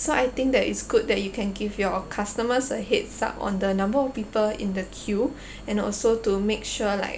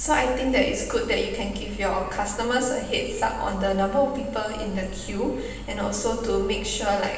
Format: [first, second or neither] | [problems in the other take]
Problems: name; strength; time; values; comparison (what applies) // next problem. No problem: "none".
first | room echo; dies away in 1 s